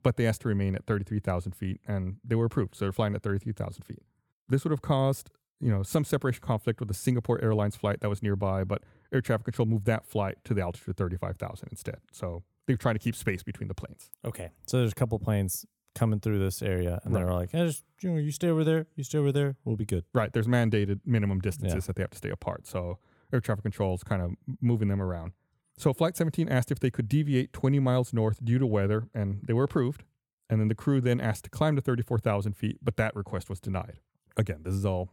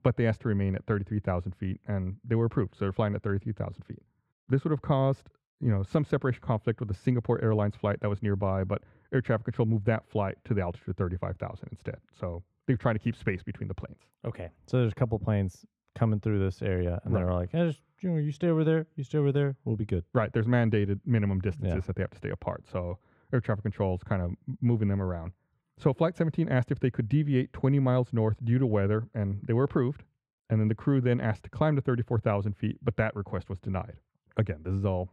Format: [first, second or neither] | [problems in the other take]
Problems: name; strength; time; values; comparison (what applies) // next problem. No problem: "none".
first | muffled; slightly; fading above 2.5 kHz